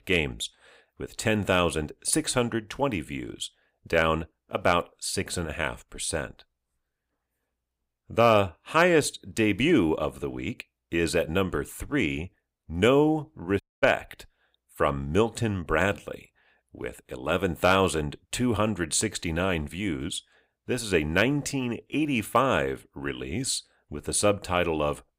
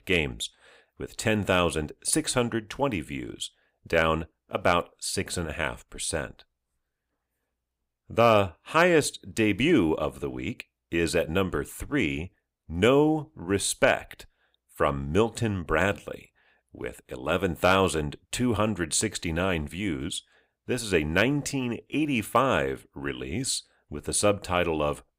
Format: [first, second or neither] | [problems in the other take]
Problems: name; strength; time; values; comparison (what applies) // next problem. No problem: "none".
second | audio cutting out; at 14 s